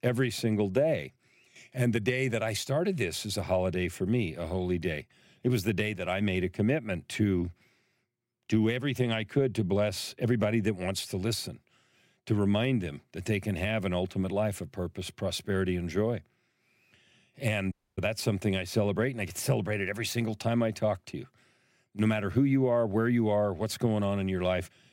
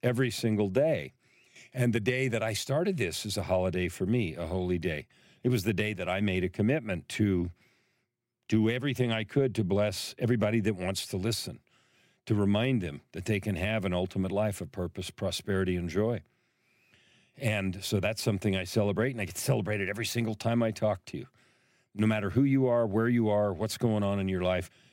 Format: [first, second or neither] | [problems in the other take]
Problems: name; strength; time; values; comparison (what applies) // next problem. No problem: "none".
second | audio cutting out; at 18 s